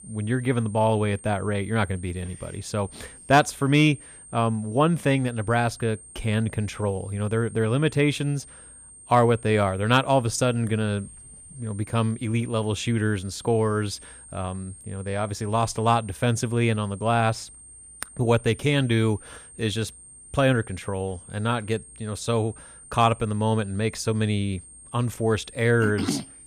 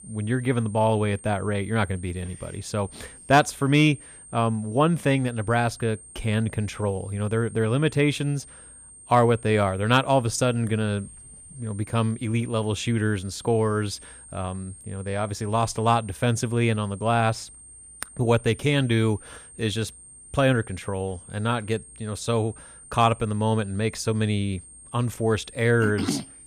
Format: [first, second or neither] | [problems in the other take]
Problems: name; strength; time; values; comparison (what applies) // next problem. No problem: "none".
neither | high-pitched whine; noticeable; throughout; 8.5 kHz, 20 dB below the speech; the same in both